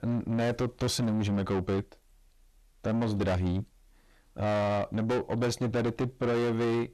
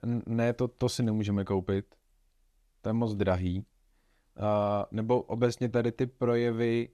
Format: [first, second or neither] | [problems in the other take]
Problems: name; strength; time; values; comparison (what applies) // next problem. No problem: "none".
second | distortion; heavy; 7 dB below the speech